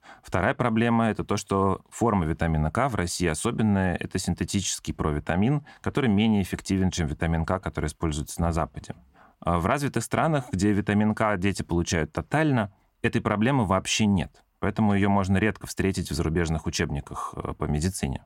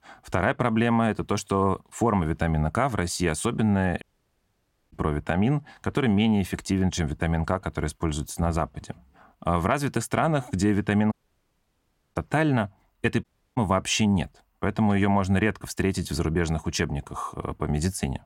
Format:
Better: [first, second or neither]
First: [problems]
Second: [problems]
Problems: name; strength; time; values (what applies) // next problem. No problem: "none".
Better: first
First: none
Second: audio cutting out; at 4 s for 1 s, at 11 s for 1 s and at 13 s